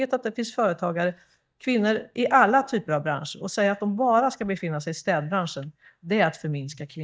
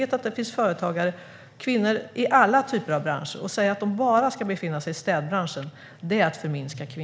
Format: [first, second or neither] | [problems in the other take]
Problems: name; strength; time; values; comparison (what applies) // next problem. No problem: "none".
second | noise reduction (neural mask model DeepFilterNet 3)